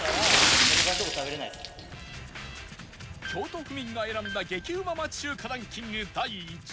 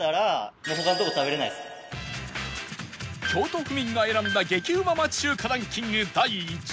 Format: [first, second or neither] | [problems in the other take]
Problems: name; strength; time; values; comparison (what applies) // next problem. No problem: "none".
second | background sound (Splash, splatter); 4 dB above the speech